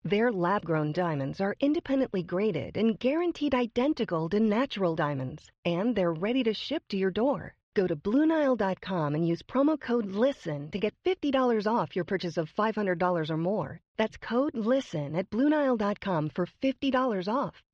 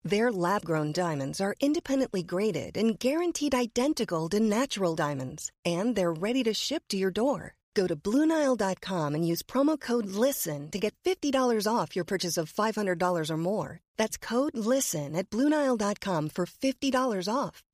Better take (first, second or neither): second